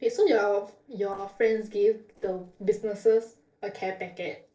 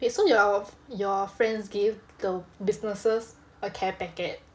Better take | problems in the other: second | noise reduction (neural separator model SepFormer DNS4)

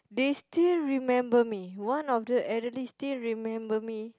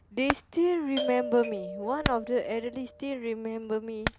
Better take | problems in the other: first | background sound (Hammer + Doorbell); 6 dB below the speech

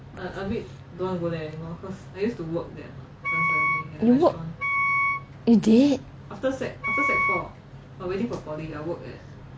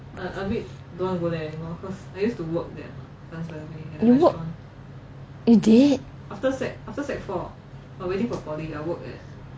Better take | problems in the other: second | background sound (Wind instrument, woodwind instrument); as loud as the speech

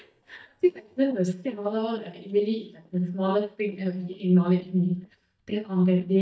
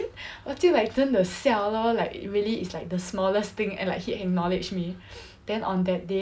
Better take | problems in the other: second | noise reduction (neural mask model DeepFilterNet 3)

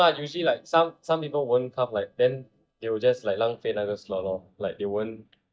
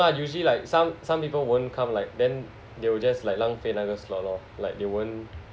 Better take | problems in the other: second | noise reduction (neural mask model DeepFilterNet 3)

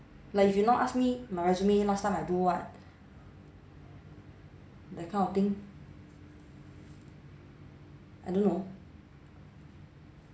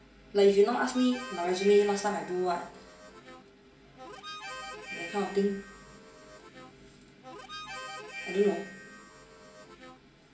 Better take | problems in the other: first | background sound (Harmonica); 14 dB below the speech // room echo; dies away in 0.3 s

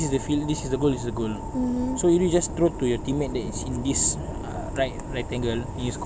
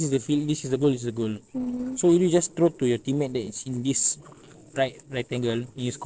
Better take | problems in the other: first | noise reduction (neural separator model SepFormer DNS4)

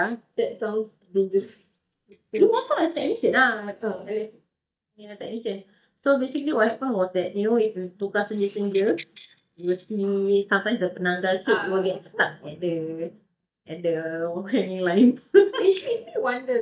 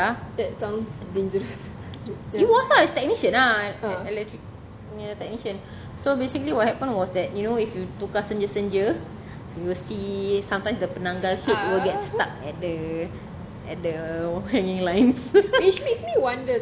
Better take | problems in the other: second | noise reduction (neural mask model DeepFilterNet 3)

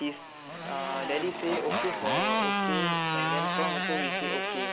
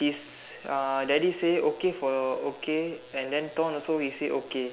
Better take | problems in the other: second | background sound (Motorcycle); 4 dB above the speech

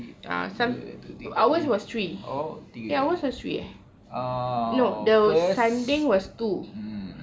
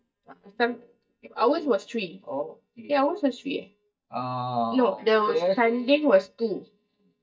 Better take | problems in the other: first | noise reduction (neural mask model DeepFilterNet 3)

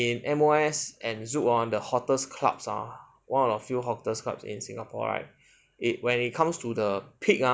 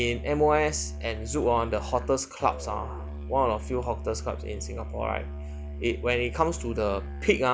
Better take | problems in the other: first | background sound (Musical instrument); 8 dB below the speech

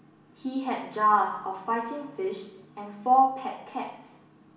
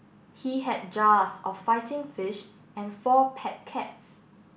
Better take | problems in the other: second | room echo; dies away in 0.8 s

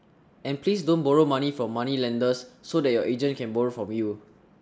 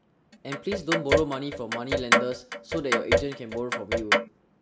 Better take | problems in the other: first | background sound (Clock); 5 dB above the speech

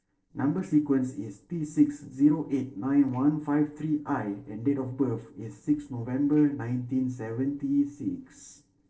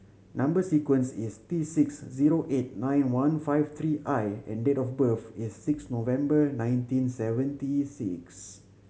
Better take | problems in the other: second | noise reduction (neural separator model SepFormer DNS4)

